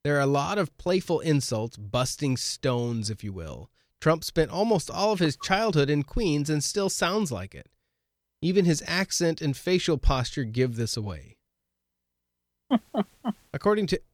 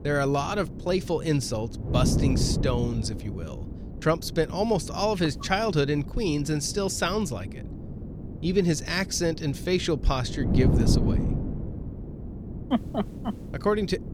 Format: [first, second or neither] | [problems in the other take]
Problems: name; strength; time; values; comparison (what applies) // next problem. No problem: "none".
first | wind noise on the microphone; occasional gusts; 10 dB below the speech